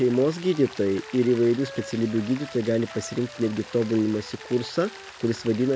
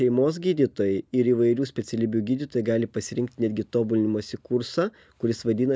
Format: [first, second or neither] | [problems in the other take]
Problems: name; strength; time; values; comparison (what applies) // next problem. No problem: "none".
second | background sound (Wind instrument, woodwind instrument + Rain); 17 dB below the speech